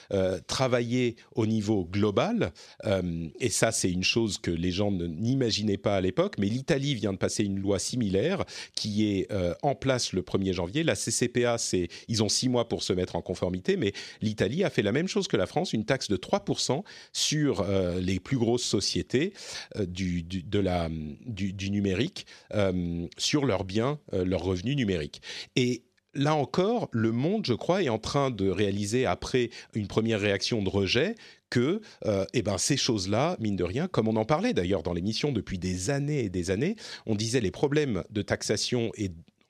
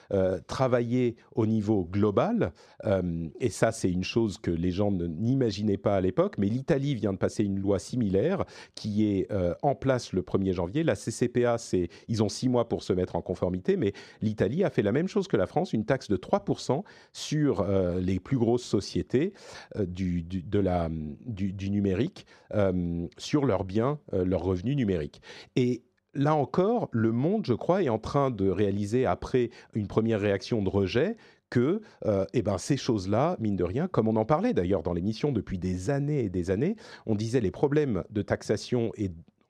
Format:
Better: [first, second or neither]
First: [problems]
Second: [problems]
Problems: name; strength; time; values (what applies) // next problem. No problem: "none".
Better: first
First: none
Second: muffled; slightly; fading above 1.5 kHz